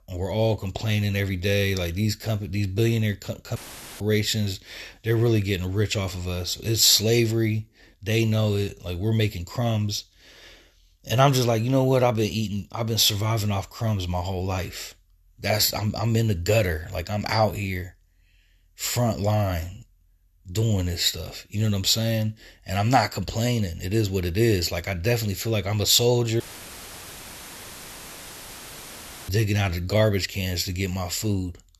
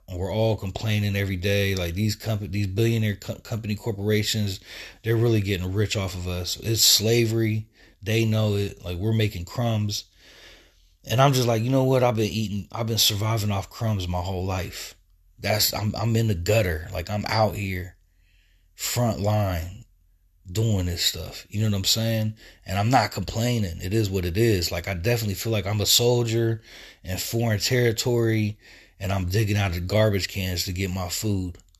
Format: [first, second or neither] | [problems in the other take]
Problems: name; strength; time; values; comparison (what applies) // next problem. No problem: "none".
second | audio cutting out; filled with static; at 3.5 s and at 26 s for 3 s